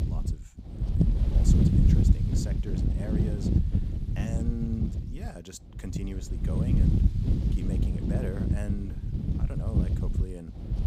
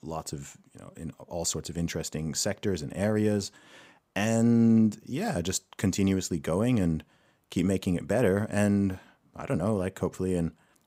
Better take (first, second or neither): second